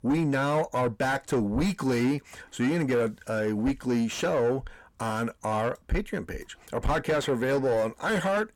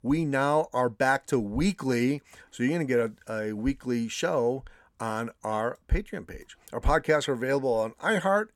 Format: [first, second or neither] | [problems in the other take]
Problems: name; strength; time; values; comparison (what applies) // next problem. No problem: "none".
second | distortion; heavy; 8 dB below the speech